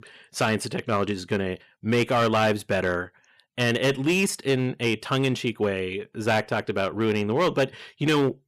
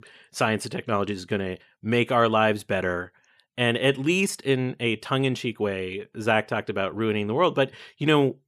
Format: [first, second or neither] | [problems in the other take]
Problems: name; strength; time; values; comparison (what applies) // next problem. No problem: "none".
second | distortion; slight; 6% of the sound clipped